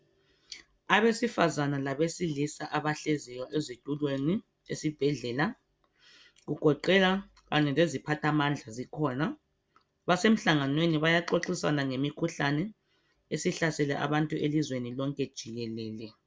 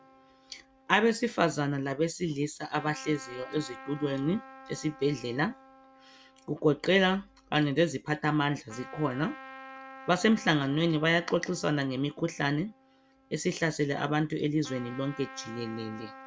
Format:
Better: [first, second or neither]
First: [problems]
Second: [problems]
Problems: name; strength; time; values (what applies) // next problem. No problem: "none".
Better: first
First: none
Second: background sound (Trumpet); 20 dB below the speech